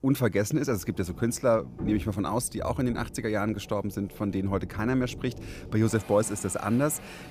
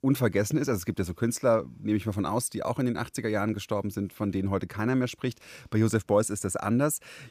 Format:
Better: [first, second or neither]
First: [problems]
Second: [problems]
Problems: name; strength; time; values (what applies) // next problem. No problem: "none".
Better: second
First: rain or running water; noticeable; throughout; 15 dB below the speech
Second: none